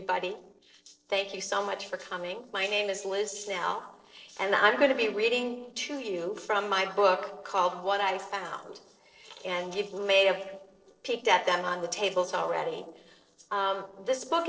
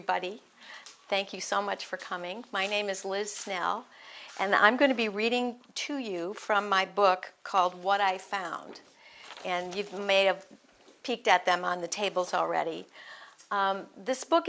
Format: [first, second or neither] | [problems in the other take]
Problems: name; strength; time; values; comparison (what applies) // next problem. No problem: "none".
second | noise reduction (neural separator model SepFormer DNS4)